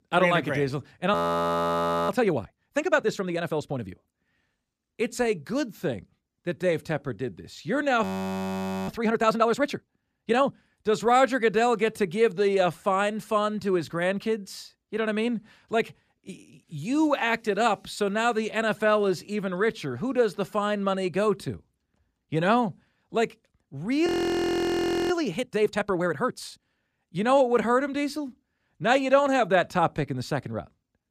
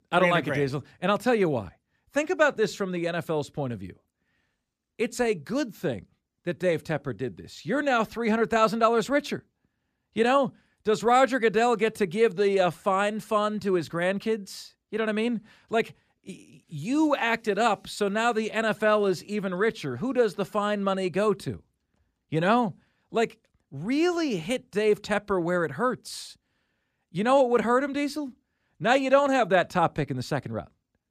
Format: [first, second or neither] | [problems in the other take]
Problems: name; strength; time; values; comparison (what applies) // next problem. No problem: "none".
second | audio freezing; at 1 s for 1 s, at 8 s for 1 s and at 24 s for 1 s